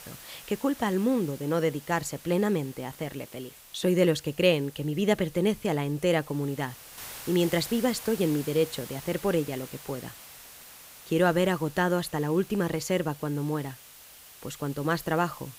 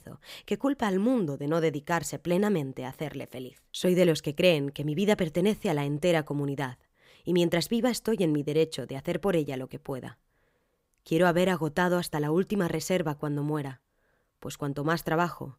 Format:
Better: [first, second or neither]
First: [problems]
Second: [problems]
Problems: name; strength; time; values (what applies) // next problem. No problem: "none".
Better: second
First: hiss; noticeable; throughout; 15 dB below the speech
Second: none